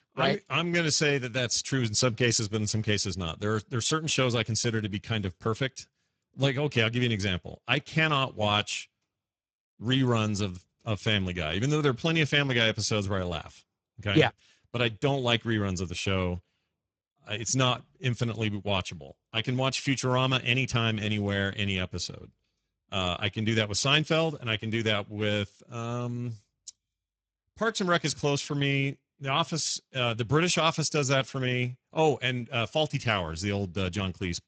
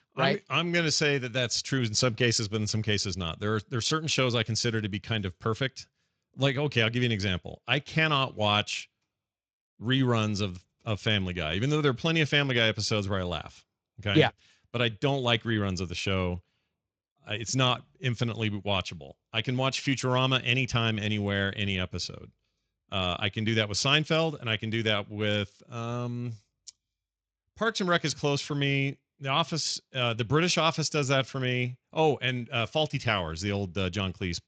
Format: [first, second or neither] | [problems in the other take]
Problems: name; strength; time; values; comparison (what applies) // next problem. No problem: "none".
second | garbled, watery; badly; nothing above 7.5 kHz; slightly in the second